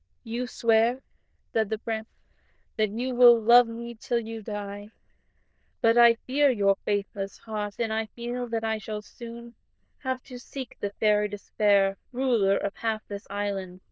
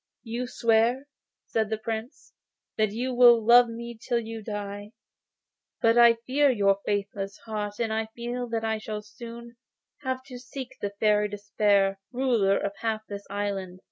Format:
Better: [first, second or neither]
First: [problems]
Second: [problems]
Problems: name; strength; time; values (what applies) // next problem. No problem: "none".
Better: second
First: noise reduction (neural diffusion model UNIVERSE++)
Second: none